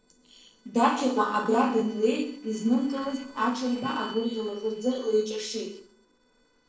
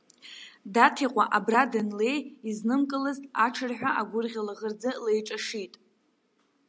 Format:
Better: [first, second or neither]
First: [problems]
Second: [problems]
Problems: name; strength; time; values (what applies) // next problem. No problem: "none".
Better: second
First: noise reduction (neural separator model SepFormer DNS4)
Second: none